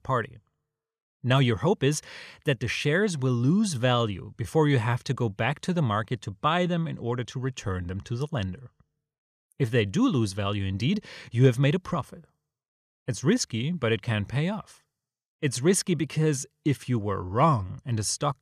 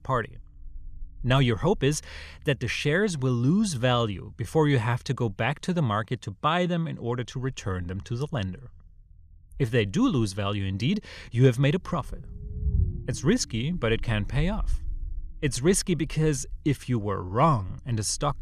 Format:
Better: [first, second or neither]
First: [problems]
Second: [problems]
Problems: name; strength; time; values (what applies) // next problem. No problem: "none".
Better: first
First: none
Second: low rumble; faint; throughout; 25 dB below the speech